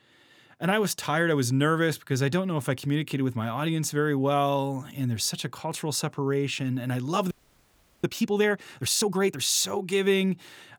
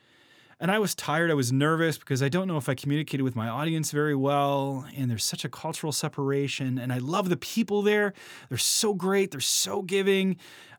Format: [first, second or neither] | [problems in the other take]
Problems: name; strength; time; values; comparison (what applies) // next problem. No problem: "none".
second | audio freezing; at 7.5 s for 0.5 s